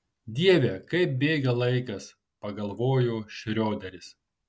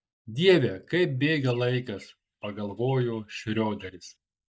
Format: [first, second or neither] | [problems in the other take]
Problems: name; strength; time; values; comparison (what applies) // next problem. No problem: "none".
first | noise reduction (neural mask model DeepFilterNet 3)